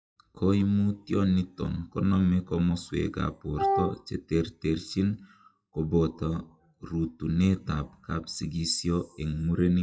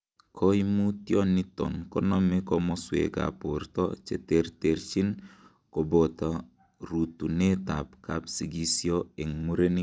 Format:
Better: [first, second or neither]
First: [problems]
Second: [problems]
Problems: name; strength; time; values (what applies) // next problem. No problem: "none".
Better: second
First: noise reduction (classical method WPE with log-MMSE)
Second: none